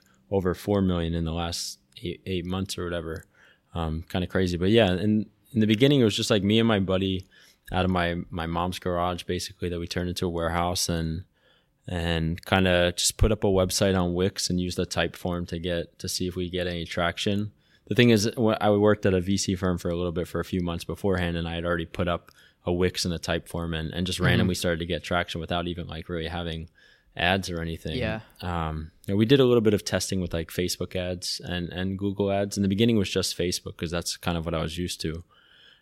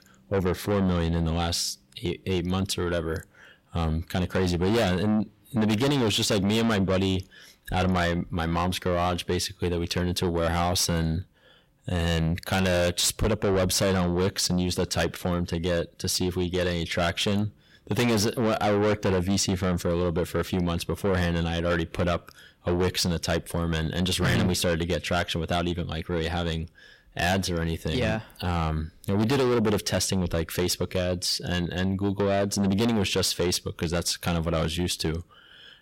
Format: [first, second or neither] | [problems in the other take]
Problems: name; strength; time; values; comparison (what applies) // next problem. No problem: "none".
first | distortion; heavy; 6 dB below the speech